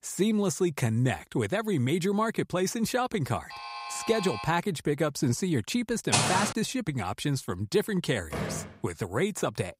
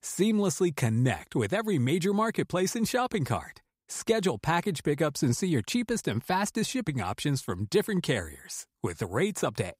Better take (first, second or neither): second